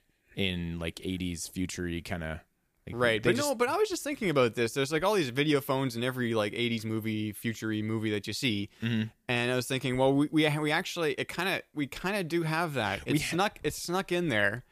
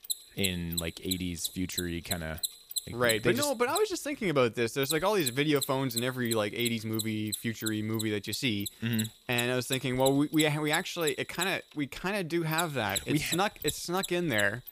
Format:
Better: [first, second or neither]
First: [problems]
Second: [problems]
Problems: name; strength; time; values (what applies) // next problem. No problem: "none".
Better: first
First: none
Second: machinery noise; loud; throughout; 7 dB below the speech